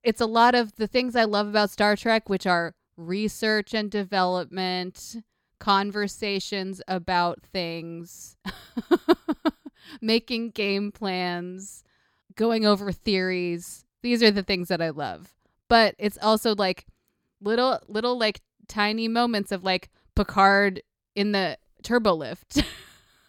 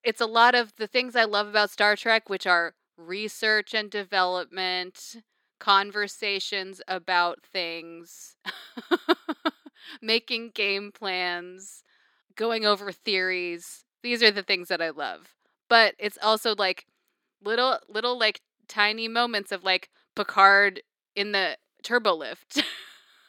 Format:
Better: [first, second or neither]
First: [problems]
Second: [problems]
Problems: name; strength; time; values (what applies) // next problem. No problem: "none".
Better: first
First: none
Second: thin; somewhat; fading below 300 Hz